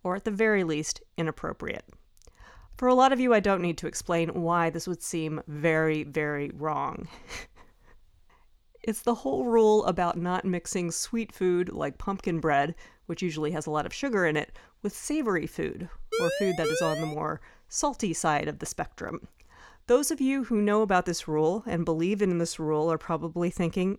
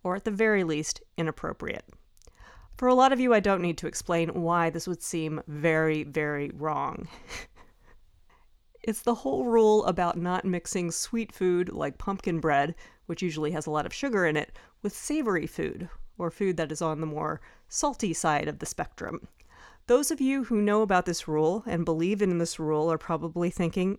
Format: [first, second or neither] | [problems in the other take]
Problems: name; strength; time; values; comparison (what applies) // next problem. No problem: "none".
second | siren; noticeable; from 16 to 17 s; peak 1 dB below the speech